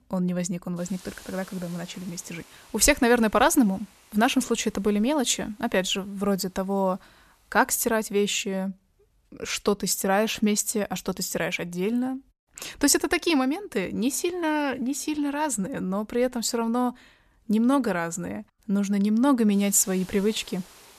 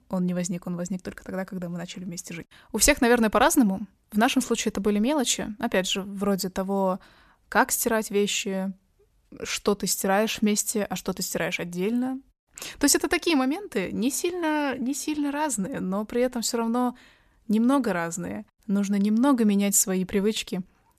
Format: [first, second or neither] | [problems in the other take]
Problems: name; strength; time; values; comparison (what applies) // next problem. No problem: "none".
second | hiss; faint; until 8 s and from 15 s on; 25 dB below the speech